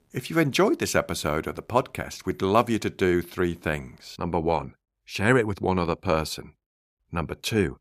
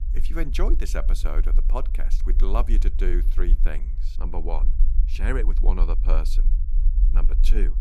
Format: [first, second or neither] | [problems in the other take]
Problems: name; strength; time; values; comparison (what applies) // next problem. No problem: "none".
first | low rumble; noticeable; throughout; 15 dB below the speech